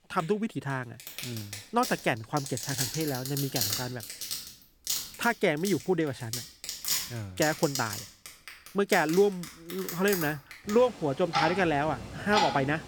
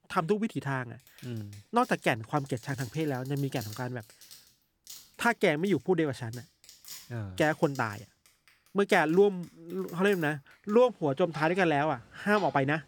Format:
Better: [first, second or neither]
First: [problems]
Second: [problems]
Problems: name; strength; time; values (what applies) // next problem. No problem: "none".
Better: second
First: household noises; loud; throughout; 5 dB below the speech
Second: household noises; faint; throughout; 20 dB below the speech